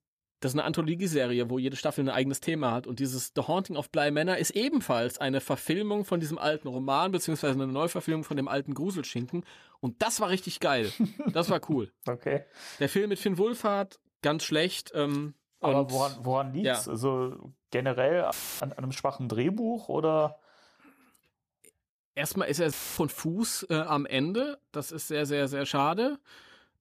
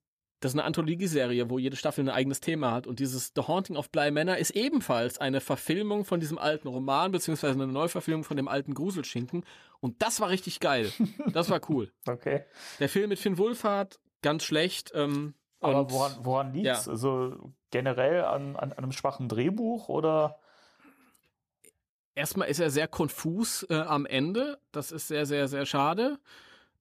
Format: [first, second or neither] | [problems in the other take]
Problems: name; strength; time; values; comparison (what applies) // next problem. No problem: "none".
second | audio cutting out; filled with static; at 18 s and at 23 s